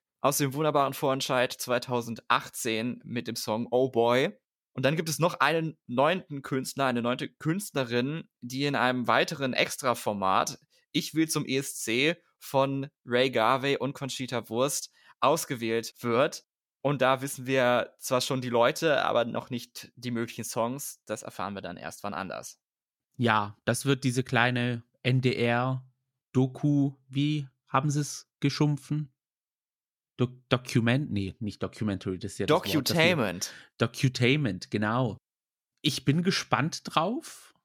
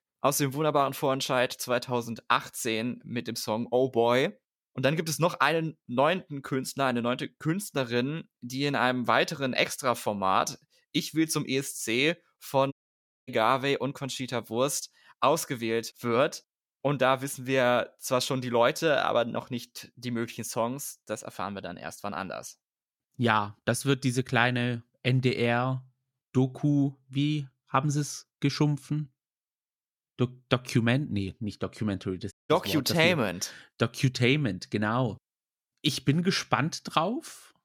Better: first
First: none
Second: audio cutting out; at 13 s for 0.5 s and at 32 s

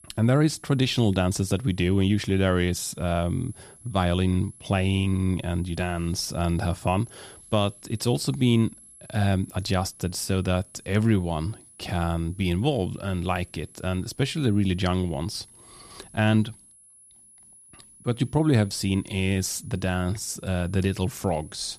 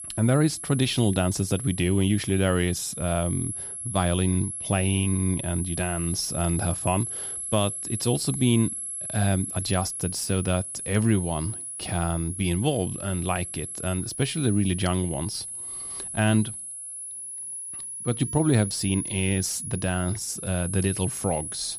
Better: first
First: high-pitched whine; faint; throughout; 11 kHz, 25 dB below the speech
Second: high-pitched whine; loud; throughout; 11 kHz, 6 dB below the speech

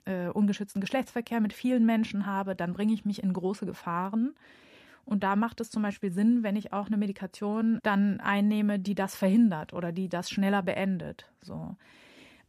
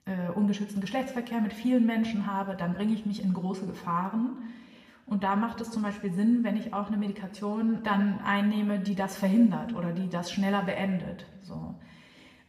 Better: first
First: none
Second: room echo; slight; dies away in 0.9 s // off-mic speech; somewhat distant

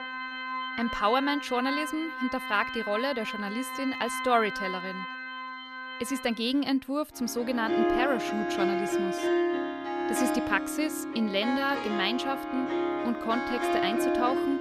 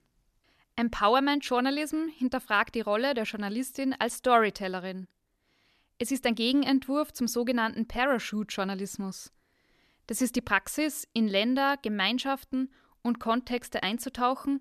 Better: second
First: background music; loud; throughout; 1 dB below the speech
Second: none

